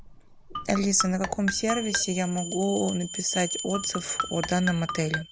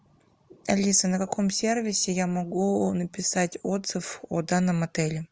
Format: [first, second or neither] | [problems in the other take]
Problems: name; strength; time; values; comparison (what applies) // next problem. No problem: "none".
second | background sound (Marimba, xylophone + Bell); 6 dB below the speech